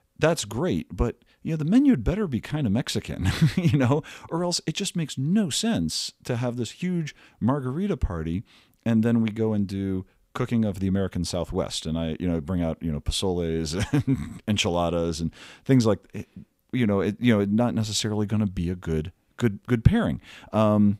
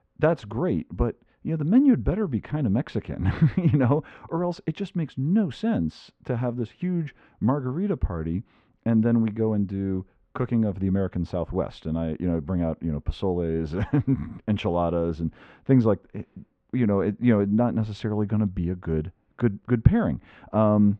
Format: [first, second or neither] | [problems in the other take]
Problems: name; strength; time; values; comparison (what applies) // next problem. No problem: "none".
first | muffled; very; fading above 1.5 kHz